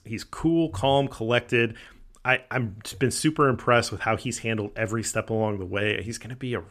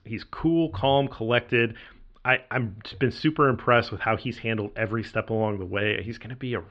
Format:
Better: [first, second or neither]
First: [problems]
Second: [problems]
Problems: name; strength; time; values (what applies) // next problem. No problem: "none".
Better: first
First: none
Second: muffled; slightly; fading above 4 kHz